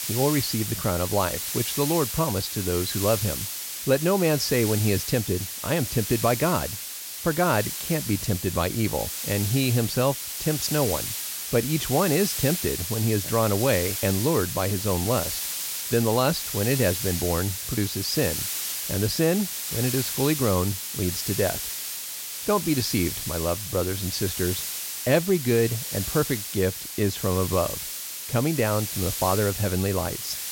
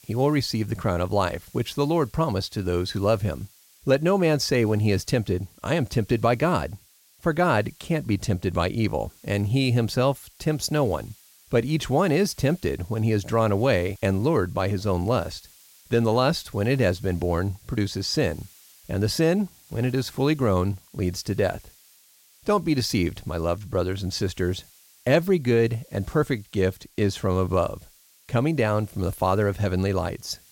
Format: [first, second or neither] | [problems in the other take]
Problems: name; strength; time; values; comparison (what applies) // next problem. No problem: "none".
second | hiss; loud; throughout; 4 dB below the speech; faint in the second